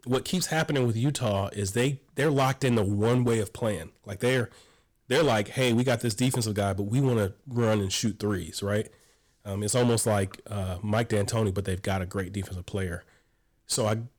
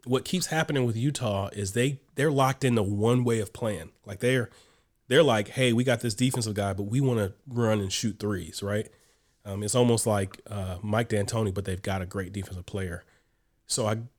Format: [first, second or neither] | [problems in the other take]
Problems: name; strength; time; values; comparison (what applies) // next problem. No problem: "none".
second | distortion; slight; 9% of the sound clipped